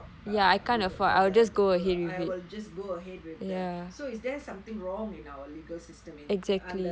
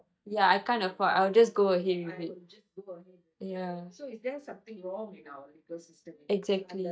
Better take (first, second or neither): first